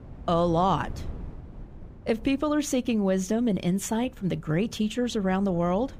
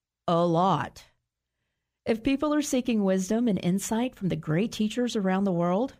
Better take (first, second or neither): second